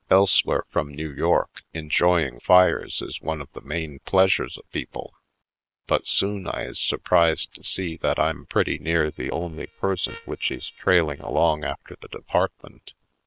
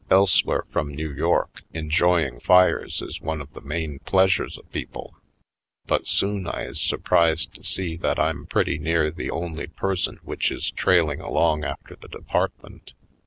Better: second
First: noise reduction (neural separator model SepFormer WHAM!)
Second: none

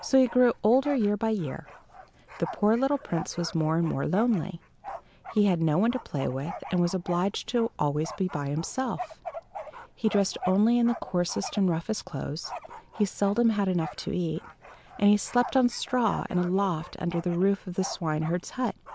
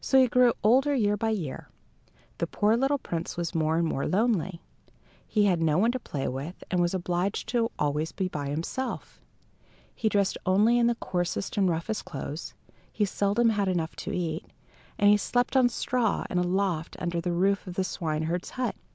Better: second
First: background sound (Bark); 16 dB below the speech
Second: none

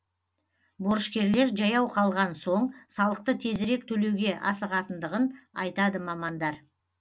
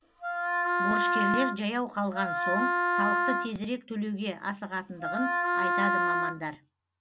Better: first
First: none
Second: background sound (Wind instrument, woodwind instrument); 5 dB above the speech

